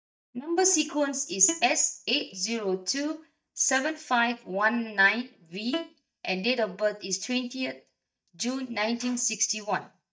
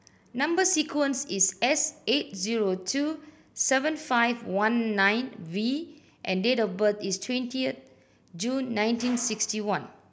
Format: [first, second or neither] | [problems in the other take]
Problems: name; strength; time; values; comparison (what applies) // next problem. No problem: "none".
second | noise reduction (neural mask model DeepFilterNet 3)